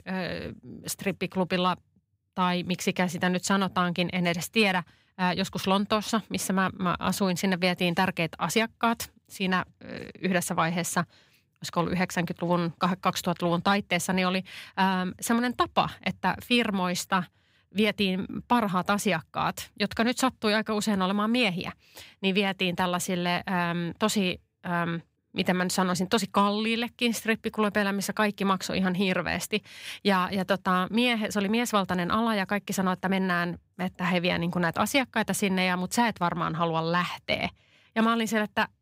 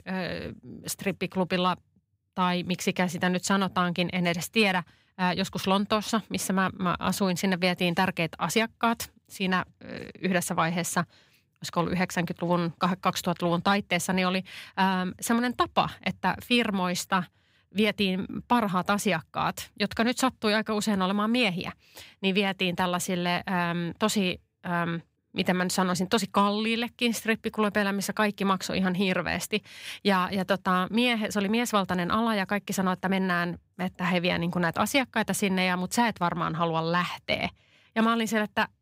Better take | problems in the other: neither | none

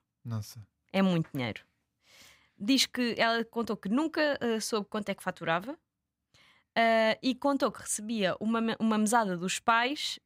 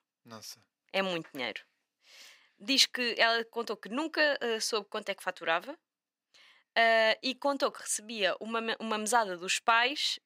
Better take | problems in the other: first | thin; somewhat; fading below 400 Hz

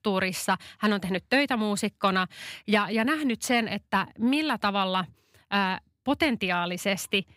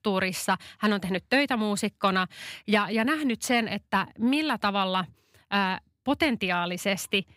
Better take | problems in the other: neither | none

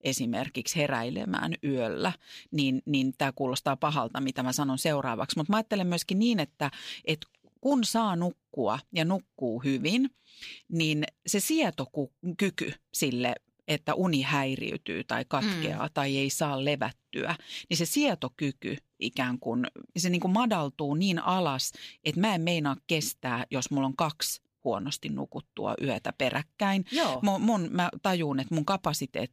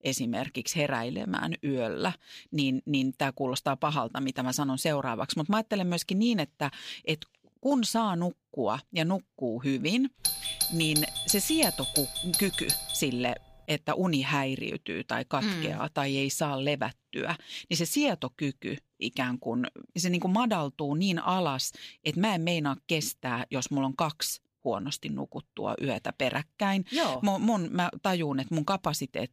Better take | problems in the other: first | doorbell; loud; from 10 to 13 s; peak 3 dB above the speech

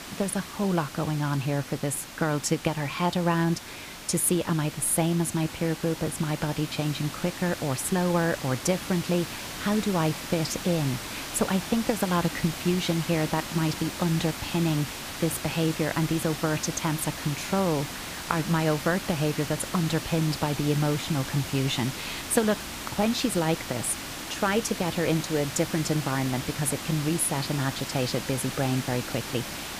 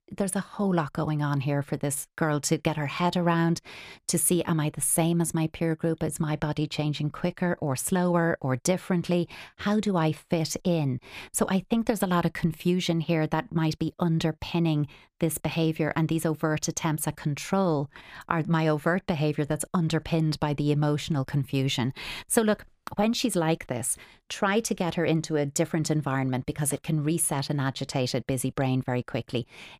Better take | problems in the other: second | hiss; loud; throughout; 8 dB below the speech

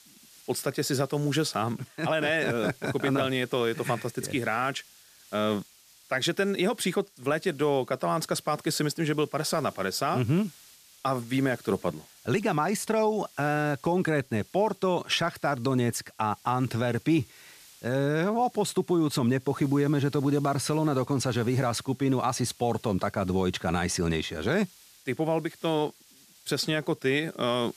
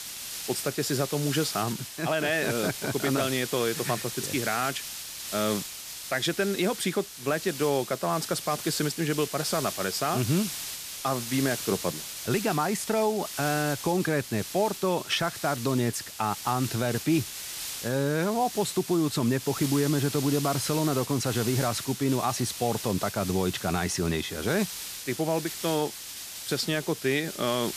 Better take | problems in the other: first | hiss; loud; throughout; 7 dB below the speech; faint in the first

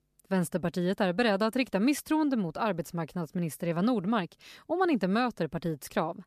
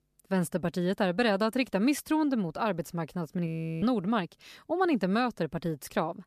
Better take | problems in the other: first | audio freezing; at 3.5 s

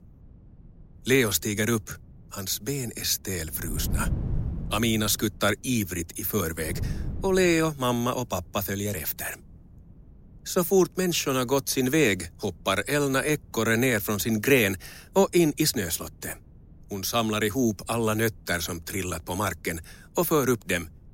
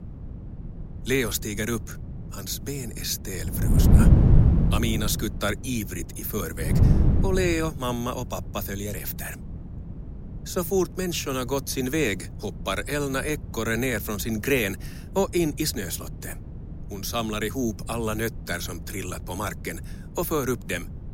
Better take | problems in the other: first | wind noise on the microphone; heavy; 9 dB below the speech; occasional gusts in the first

